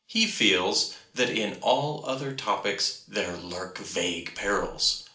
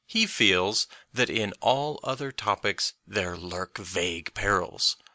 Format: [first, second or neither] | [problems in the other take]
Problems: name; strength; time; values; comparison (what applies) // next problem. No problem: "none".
second | room echo; dies away in 0.4 s